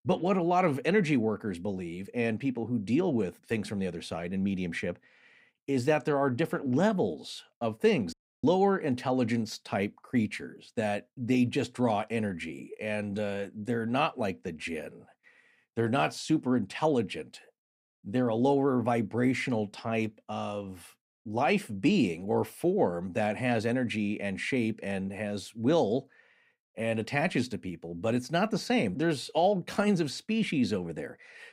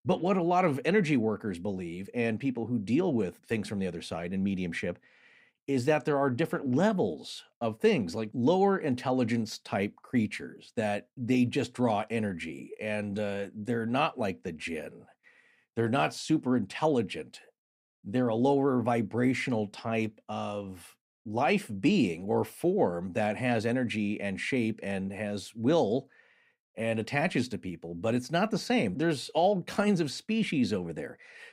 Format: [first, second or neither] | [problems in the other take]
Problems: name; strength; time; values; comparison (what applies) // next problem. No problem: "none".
second | audio cutting out; at 8 s